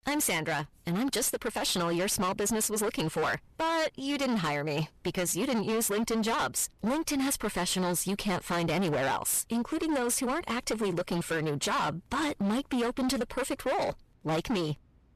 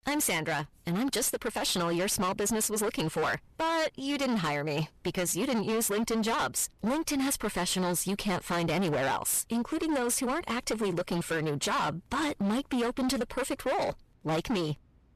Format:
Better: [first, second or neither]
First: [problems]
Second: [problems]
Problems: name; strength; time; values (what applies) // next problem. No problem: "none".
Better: neither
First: distortion; heavy; 24% of the sound clipped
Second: distortion; heavy; 24% of the sound clipped